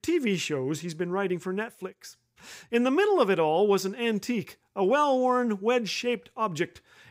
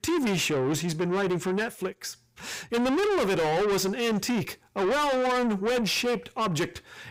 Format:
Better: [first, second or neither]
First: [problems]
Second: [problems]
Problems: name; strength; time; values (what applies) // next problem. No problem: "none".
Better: first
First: none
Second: distortion; heavy; 6 dB below the speech